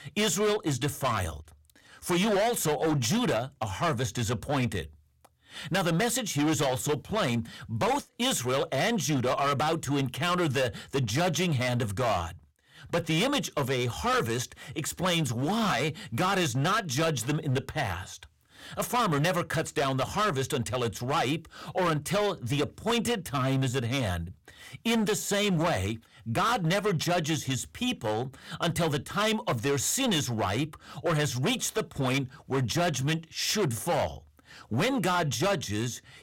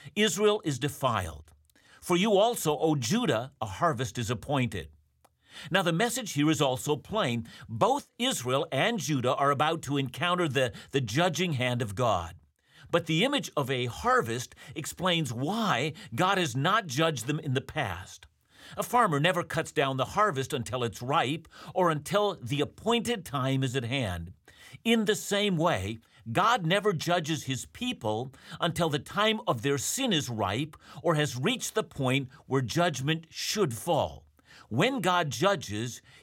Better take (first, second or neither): second